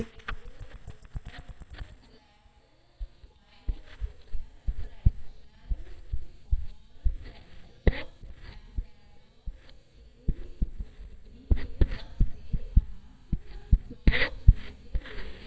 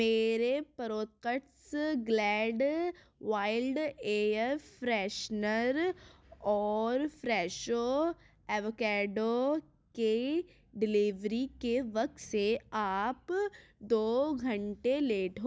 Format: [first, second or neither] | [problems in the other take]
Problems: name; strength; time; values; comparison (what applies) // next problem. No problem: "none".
second | noise reduction (neural mask model DeepFilterNet 3)